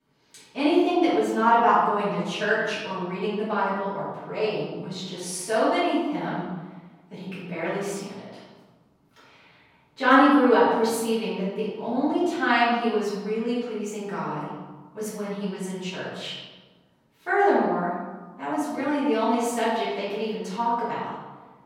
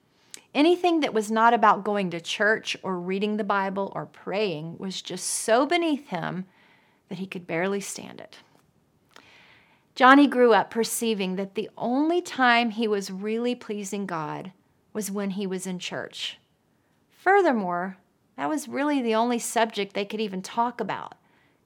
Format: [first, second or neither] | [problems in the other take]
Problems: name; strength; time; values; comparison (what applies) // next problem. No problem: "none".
second | room echo; strong; dies away in 1.2 s // off-mic speech; far